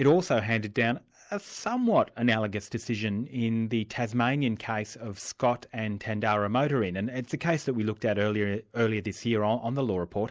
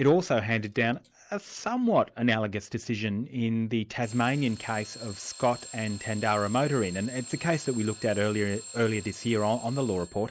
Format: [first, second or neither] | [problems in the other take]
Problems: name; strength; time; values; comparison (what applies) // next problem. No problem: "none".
first | background sound (Alarm / Clock); 17 dB below the speech